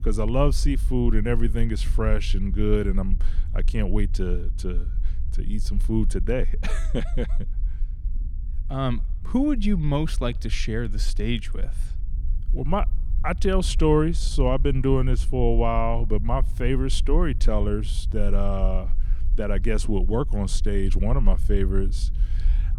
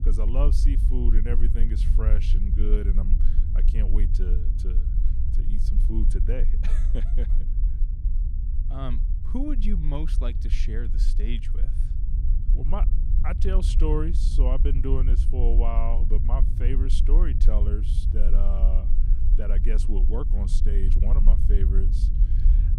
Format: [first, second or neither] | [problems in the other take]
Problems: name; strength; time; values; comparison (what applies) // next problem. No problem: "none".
first | low rumble; loud; throughout; 8 dB below the speech; faint in the first